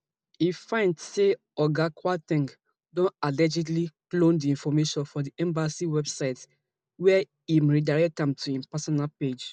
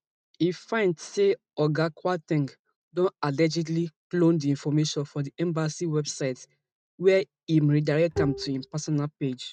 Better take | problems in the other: first | noise reduction (neural mask model RNNoise)

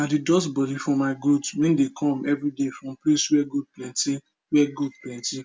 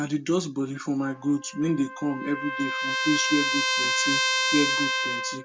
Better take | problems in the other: first | background sound (Trumpet); as loud as the speech

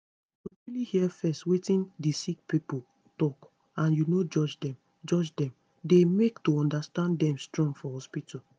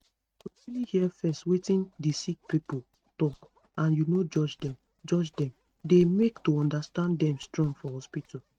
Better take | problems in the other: first | noise reduction (neural mask model RNNoise)

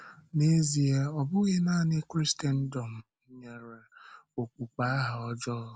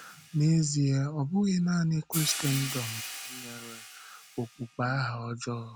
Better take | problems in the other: first | background sound (Hi-hat); 11 dB below the speech

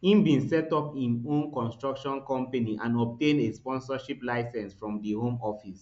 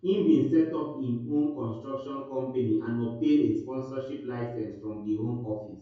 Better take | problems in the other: first | room echo; dies away in 0.6 s

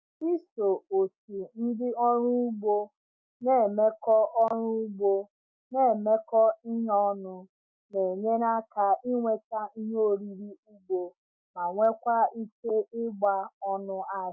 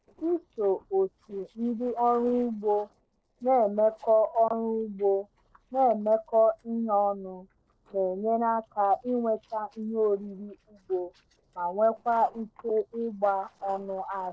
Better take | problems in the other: first | noise reduction (neural separator model SepFormer DNS4)

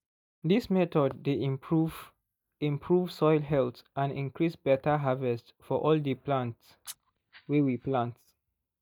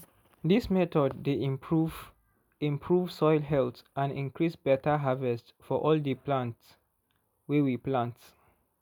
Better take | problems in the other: second | noise reduction (neural mask model DeepFilterNet 3)

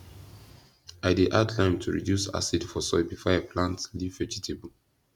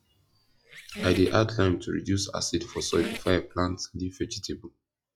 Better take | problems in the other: first | noise reduction (classical method log-MMSE)

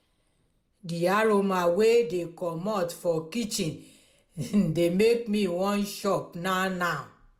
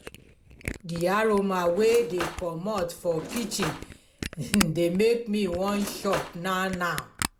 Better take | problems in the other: first | background sound (Cutlery, silverware / Drawer open or close + Camera); 10 dB below the speech

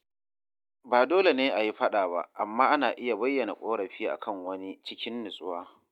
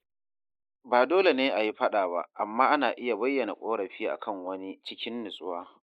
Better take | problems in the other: first | noise reduction (neural mask model Resemble Enhance denoiser)

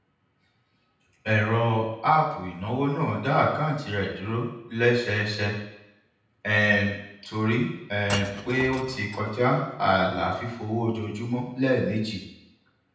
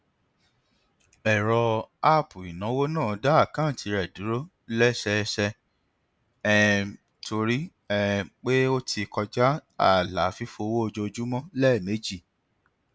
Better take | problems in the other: second | background sound (Shatter / Crushing); 14 dB below the speech // room echo; dies away in 0.9 s

